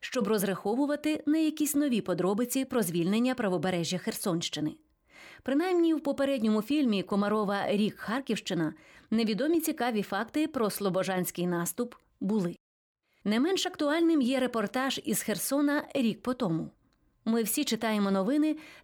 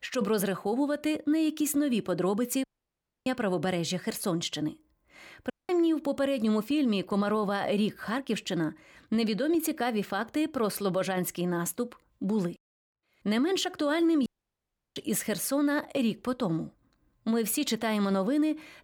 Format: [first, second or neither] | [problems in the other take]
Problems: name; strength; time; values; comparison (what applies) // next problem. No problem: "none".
first | audio cutting out; at 2.5 s for 0.5 s, at 5.5 s and at 14 s for 0.5 s